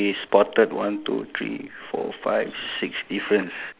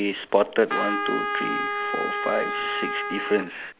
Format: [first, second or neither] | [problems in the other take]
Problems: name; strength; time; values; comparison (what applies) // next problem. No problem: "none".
first | background sound (Trumpet); 2 dB below the speech